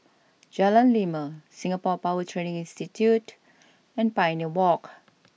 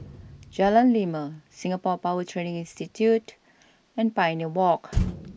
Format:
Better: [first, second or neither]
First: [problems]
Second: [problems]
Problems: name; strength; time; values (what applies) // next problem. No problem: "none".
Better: first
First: none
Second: background sound (Motor vehicle (road)); 11 dB below the speech